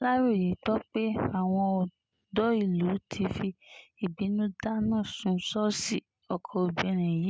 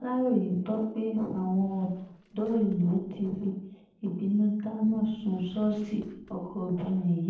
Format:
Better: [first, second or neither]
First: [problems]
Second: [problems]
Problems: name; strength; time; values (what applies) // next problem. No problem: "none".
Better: first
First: none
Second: noise reduction (neural separator model SepFormer DNS4)